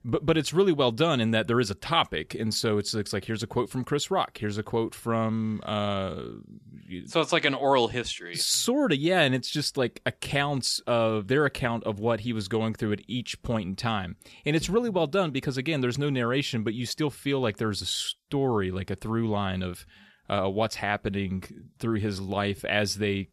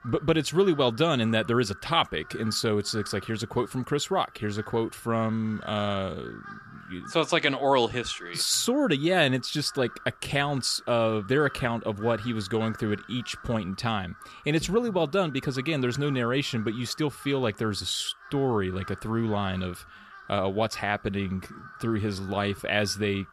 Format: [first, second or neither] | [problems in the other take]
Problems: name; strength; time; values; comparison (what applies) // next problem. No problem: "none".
first | animal sounds; noticeable; throughout; 20 dB below the speech